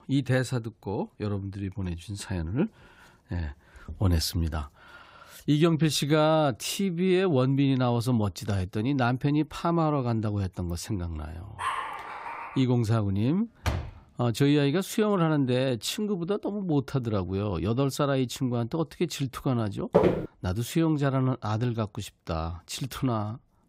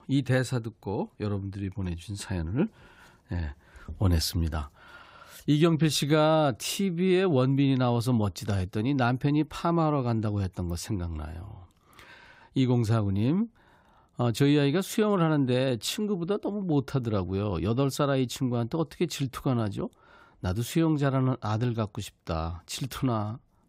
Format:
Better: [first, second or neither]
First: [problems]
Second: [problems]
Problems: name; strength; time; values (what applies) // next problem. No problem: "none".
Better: second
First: dog barking; noticeable; from 12 to 13 s; peak 4 dB below the speech // door banging; noticeable; at 14 s; peak 5 dB below the speech // footsteps; loud; at 20 s; peak 4 dB above the speech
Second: none